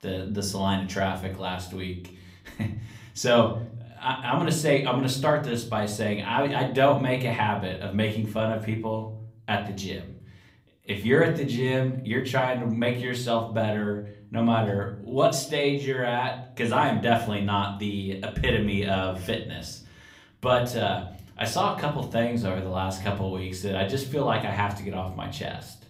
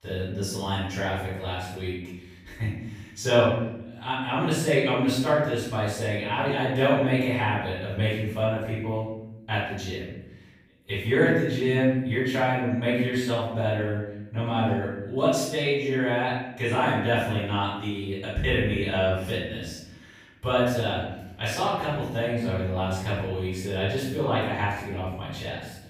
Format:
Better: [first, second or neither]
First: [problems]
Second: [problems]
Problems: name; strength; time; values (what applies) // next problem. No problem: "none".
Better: first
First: room echo; slight; dies away in 0.5 s // off-mic speech; somewhat distant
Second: room echo; strong; dies away in 0.9 s // off-mic speech; far